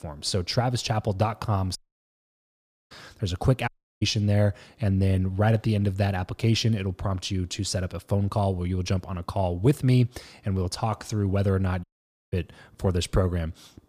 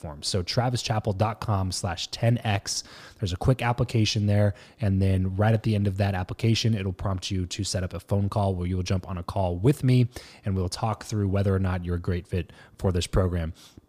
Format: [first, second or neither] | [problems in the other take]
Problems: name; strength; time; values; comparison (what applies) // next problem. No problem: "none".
second | audio cutting out; at 2 s for 1 s, at 3.5 s and at 12 s